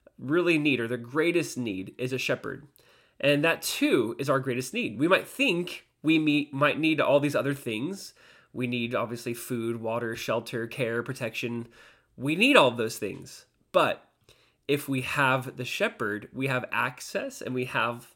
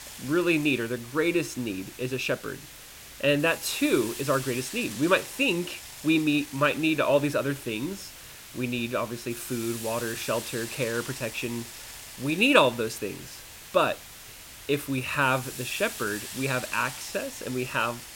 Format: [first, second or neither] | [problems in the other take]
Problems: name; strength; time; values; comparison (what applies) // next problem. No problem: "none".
first | hiss; noticeable; throughout; 10 dB below the speech